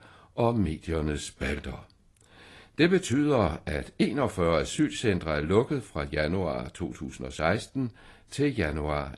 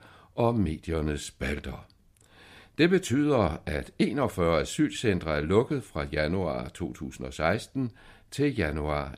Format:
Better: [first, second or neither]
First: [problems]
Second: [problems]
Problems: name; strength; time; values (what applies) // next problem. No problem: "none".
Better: second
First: garbled, watery; slightly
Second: none